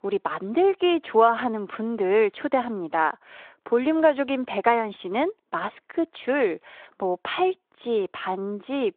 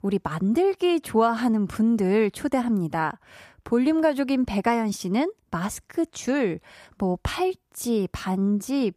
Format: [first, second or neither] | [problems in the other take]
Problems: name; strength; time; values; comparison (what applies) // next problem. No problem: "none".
second | phone-call audio